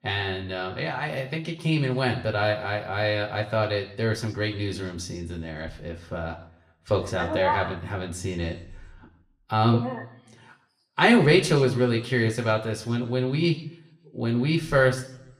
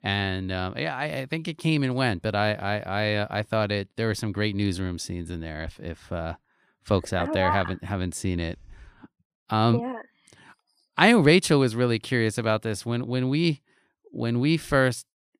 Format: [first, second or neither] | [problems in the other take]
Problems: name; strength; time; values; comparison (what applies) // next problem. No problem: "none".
second | room echo; very slight; dies away in 0.6 s // off-mic speech; somewhat distant